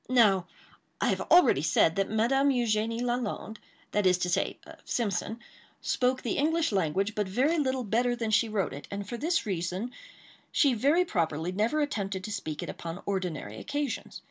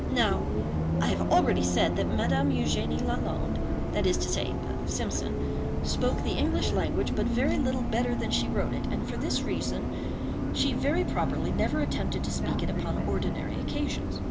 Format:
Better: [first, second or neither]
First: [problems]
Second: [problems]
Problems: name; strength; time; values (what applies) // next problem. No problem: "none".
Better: first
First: none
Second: background sound (Bus); 3 dB above the speech